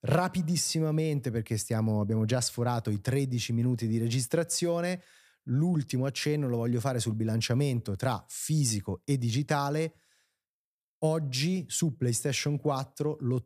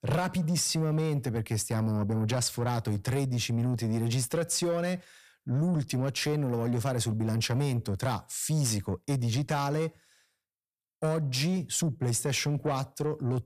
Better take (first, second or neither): first